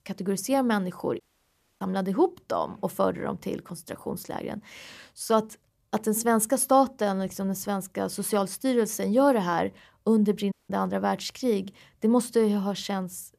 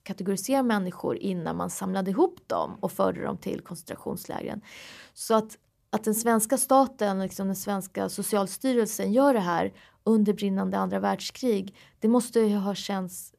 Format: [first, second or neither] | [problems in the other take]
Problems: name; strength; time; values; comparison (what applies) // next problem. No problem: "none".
second | audio cutting out; at 1 s for 0.5 s and at 11 s